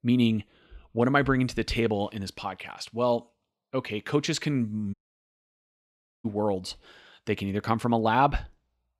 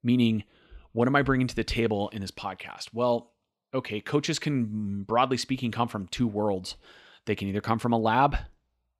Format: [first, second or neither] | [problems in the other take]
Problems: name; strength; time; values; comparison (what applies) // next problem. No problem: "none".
second | audio cutting out; at 5 s for 1.5 s